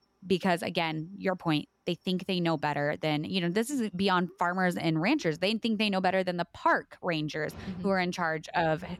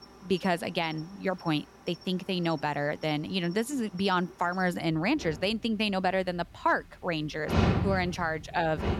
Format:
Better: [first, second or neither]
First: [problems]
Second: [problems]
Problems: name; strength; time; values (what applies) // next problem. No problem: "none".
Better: first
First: animal sounds; faint; throughout; 25 dB below the speech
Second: animal sounds; loud; throughout; 3 dB below the speech